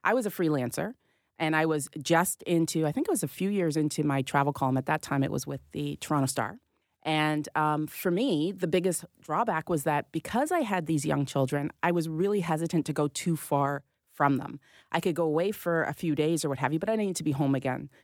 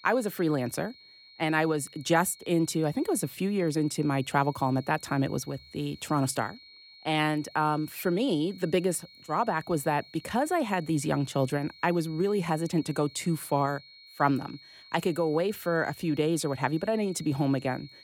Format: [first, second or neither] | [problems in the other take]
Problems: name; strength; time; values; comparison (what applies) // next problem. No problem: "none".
first | high-pitched whine; faint; throughout; 4 kHz, 20 dB below the speech